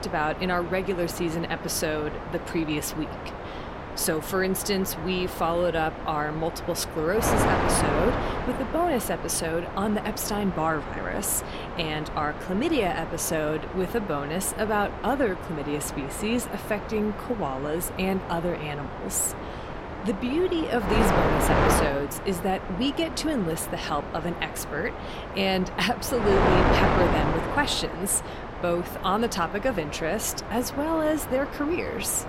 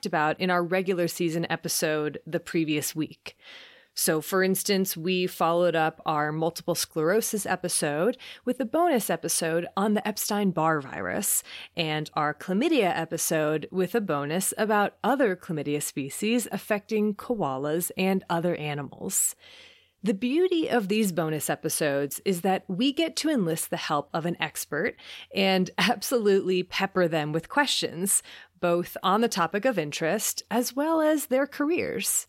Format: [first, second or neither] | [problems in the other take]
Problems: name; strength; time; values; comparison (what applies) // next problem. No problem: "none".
second | wind noise on the microphone; heavy; 3 dB below the speech